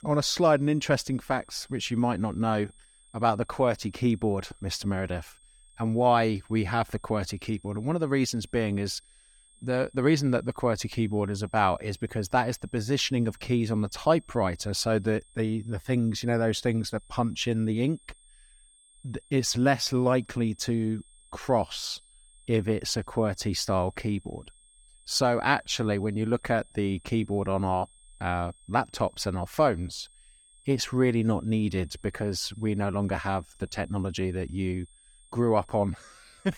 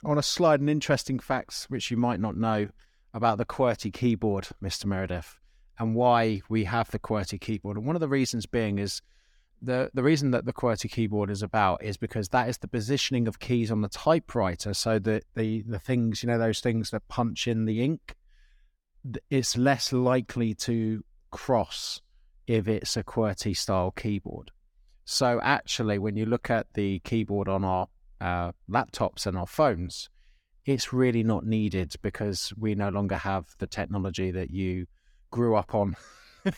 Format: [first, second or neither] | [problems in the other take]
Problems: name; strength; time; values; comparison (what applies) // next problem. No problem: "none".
second | high-pitched whine; faint; throughout; 8.5 kHz, 30 dB below the speech